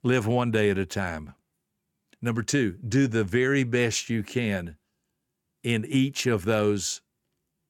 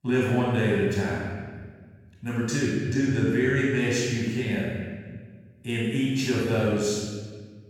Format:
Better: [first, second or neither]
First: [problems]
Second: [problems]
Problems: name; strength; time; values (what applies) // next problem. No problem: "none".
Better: first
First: none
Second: off-mic speech; far // room echo; strong; dies away in 1.4 s